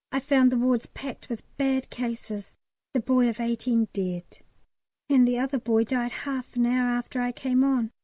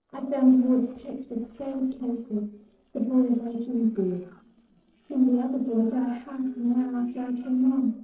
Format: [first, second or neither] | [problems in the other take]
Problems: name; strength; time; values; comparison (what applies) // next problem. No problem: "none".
first | noise reduction (neural separator model SepFormer DNS4)